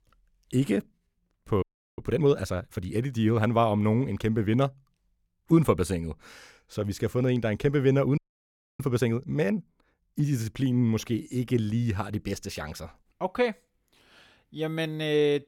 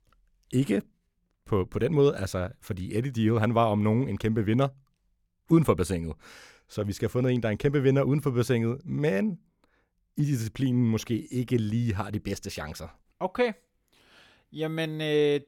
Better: second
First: audio freezing; at 1.5 s and at 8 s for 0.5 s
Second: none

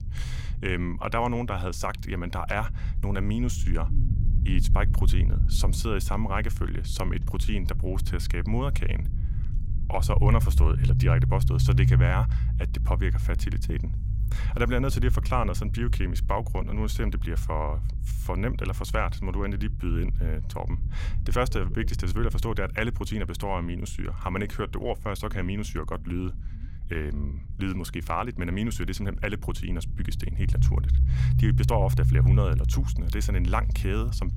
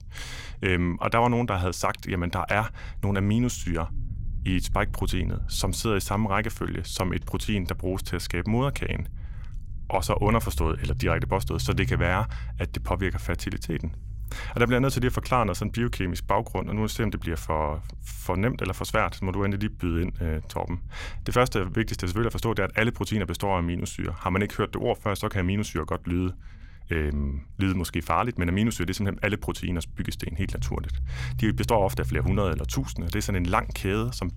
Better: second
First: low rumble; loud; throughout; 10 dB below the speech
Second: low rumble; faint; throughout; 25 dB below the speech

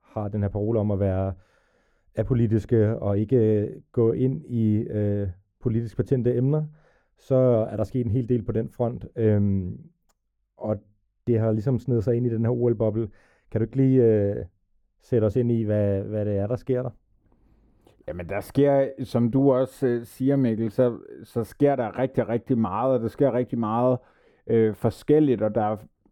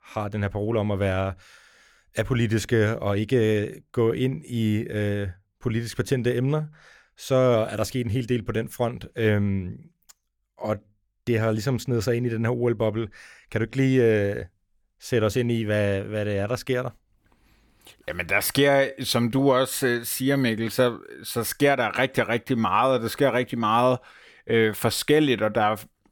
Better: second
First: muffled; very; fading above 1 kHz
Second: none

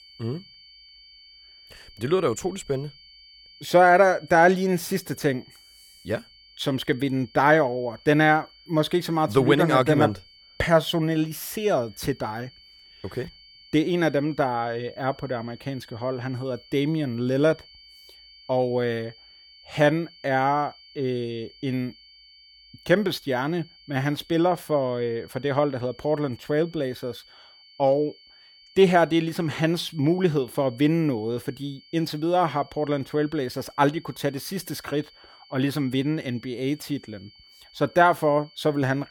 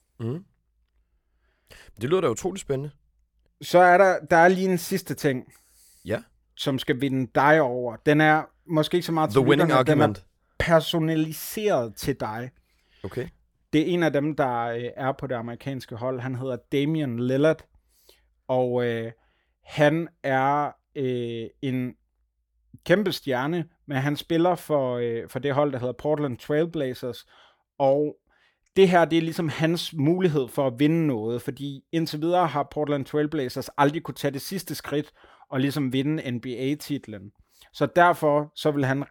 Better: second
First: high-pitched whine; faint; throughout; 4.5 kHz, 25 dB below the speech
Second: none

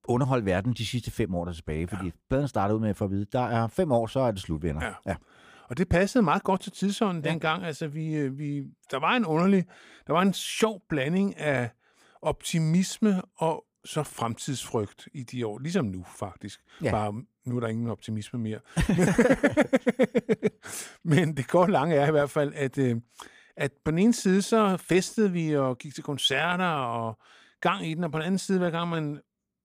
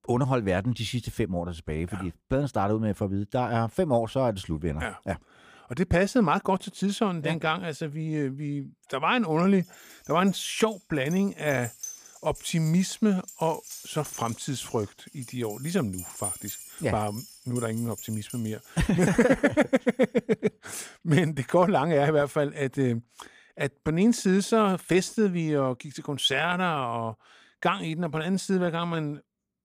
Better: first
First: none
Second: jangling keys; noticeable; from 10 to 18 s; peak 5 dB below the speech

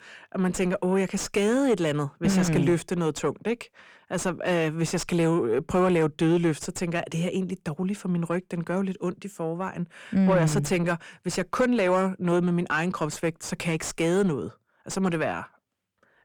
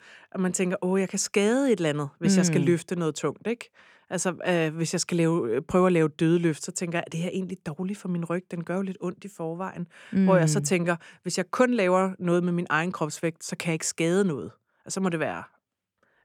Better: second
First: distortion; slight; 10 dB below the speech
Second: none

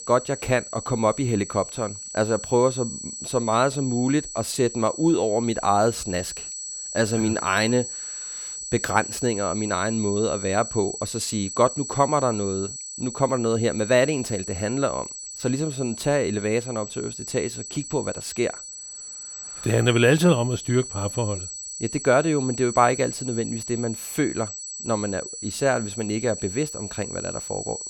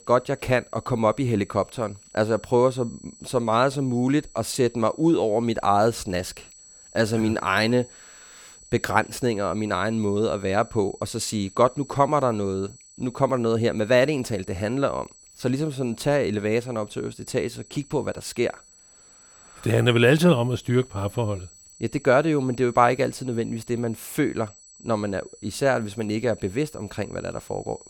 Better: second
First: high-pitched whine; loud; throughout; 8 kHz, 8 dB below the speech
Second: high-pitched whine; faint; throughout; 8 kHz, 25 dB below the speech

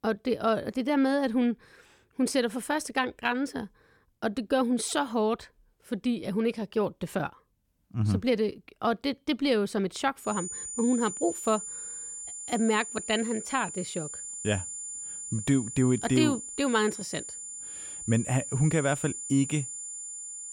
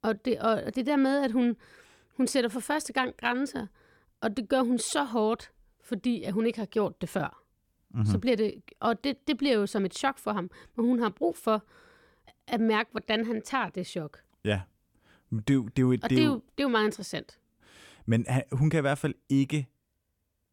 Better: second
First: high-pitched whine; loud; from 10 s on; 7 kHz, 7 dB below the speech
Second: none

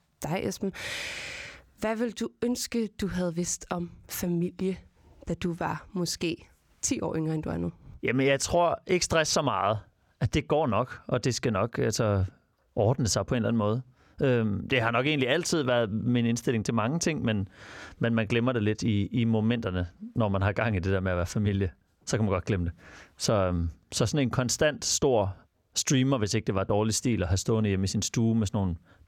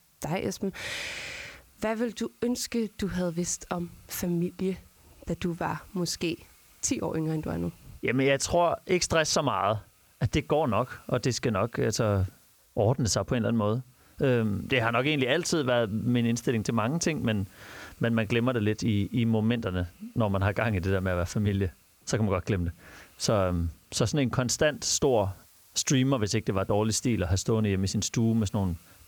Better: first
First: none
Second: hiss; faint; throughout; 30 dB below the speech

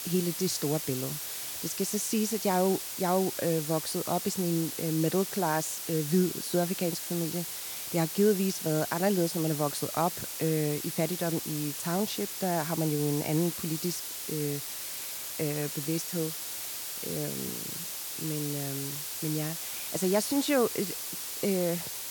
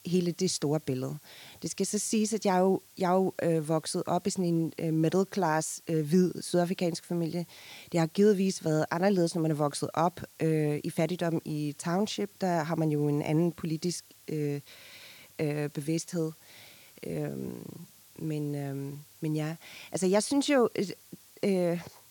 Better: second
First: hiss; loud; throughout; 4 dB below the speech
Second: hiss; faint; throughout; 25 dB below the speech

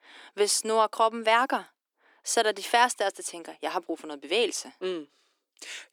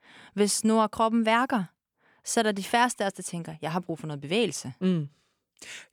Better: second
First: thin; very; fading below 300 Hz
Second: none

